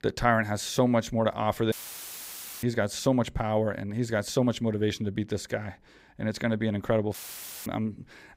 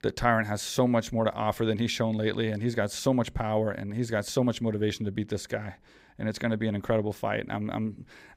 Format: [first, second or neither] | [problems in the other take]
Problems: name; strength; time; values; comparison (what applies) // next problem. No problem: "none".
second | audio cutting out; filled with static; at 1.5 s for 1 s and at 7 s for 0.5 s